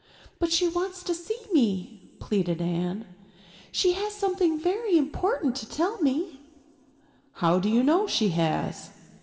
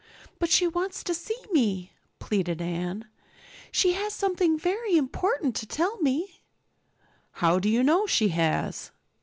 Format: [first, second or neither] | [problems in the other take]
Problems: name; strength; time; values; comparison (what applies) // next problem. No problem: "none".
second | room echo; dies away in 2.5 s